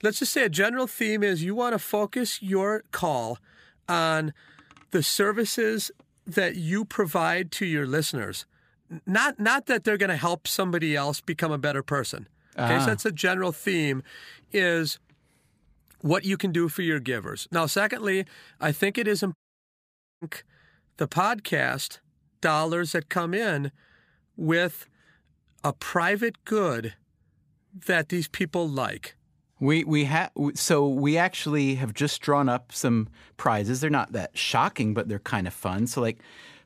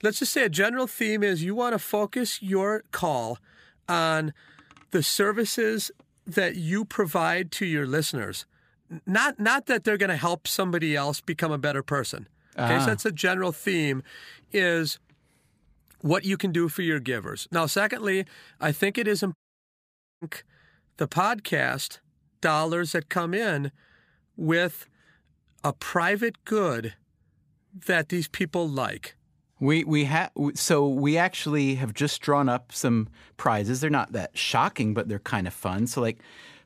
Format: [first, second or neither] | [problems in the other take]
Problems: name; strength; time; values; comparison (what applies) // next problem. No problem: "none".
neither | audio cutting out; at 19 s for 1 s; the same in both